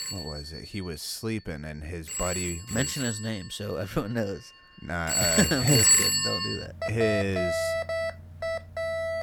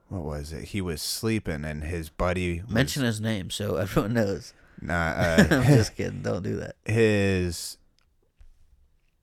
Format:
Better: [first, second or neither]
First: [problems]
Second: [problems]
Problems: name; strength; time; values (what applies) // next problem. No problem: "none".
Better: second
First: alarms or sirens; very loud; throughout; 5 dB above the speech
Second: none